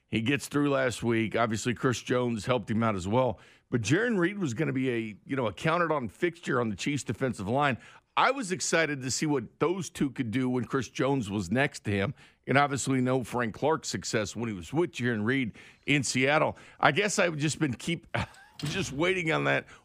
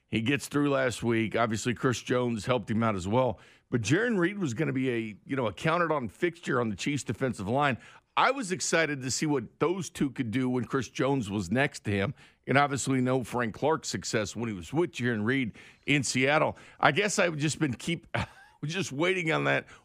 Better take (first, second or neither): second